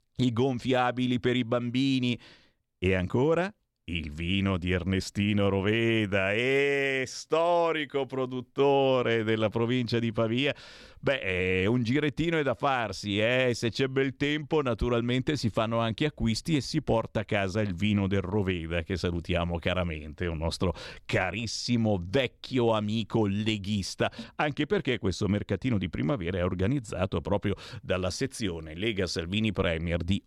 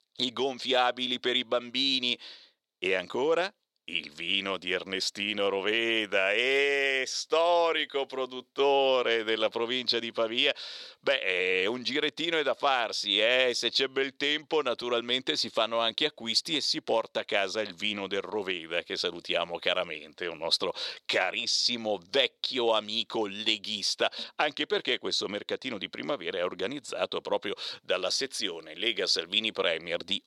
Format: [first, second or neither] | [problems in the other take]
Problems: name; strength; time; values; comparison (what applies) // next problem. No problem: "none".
first | thin; somewhat; fading below 500 Hz